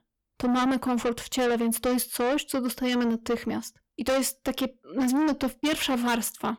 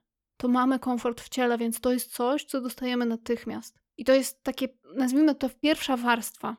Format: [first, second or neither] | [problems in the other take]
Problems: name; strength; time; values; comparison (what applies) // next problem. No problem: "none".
second | distortion; heavy; 6 dB below the speech